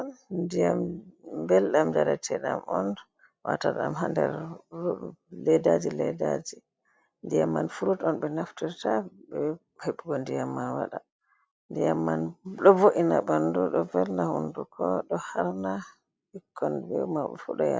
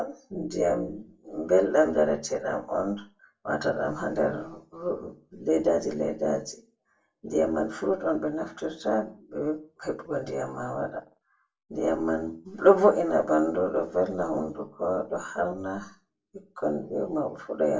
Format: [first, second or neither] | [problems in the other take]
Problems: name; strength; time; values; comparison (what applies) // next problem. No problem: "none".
first | room echo; dies away in 0.2 s